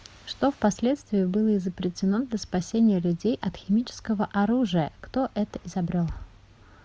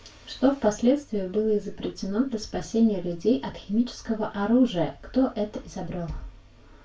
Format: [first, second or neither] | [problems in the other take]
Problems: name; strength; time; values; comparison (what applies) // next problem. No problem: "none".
first | room echo; dies away in 0.2 s